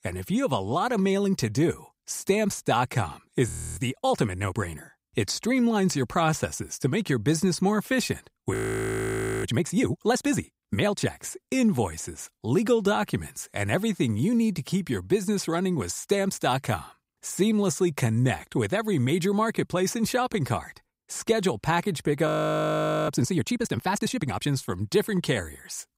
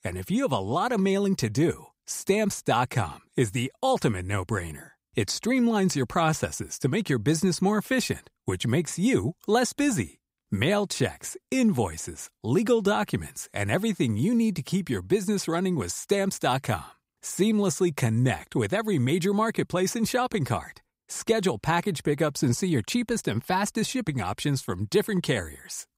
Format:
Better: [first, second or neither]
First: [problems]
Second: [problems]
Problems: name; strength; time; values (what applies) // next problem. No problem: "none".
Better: second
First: audio freezing; at 3.5 s, at 8.5 s for 1 s and at 22 s for 1 s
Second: none